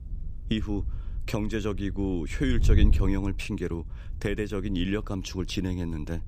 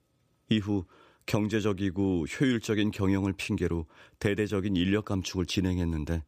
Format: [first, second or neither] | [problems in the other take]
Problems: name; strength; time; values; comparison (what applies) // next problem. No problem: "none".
second | wind noise on the microphone; occasional gusts; 15 dB below the speech